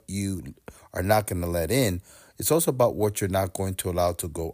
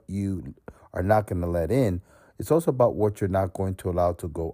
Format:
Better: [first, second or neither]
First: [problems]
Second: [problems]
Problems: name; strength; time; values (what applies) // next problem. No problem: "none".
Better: first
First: none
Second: muffled; very; fading above 1.5 kHz